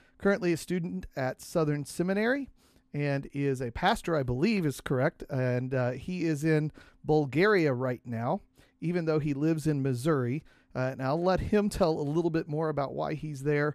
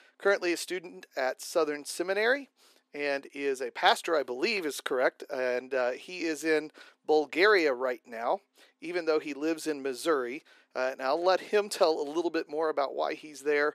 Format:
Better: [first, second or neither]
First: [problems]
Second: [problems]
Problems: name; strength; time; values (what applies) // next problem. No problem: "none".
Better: first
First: none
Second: thin; very; fading below 350 Hz